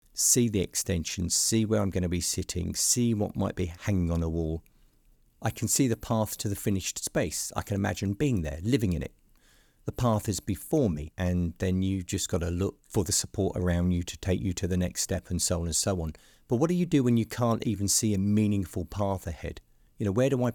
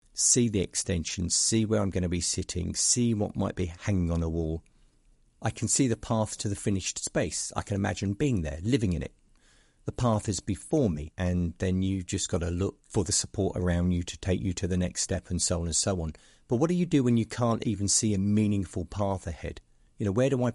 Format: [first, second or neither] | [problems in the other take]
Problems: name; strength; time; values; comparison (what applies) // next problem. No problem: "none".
first | garbled, watery; slightly; nothing above 10.5 kHz